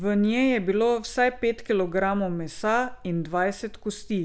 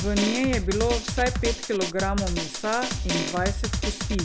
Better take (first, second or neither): first